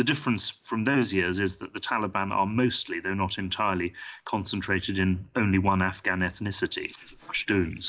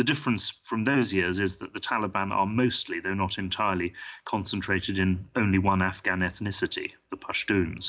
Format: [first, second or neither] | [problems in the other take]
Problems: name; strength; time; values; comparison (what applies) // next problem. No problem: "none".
second | noise reduction (neural mask model Resemble Enhance denoiser)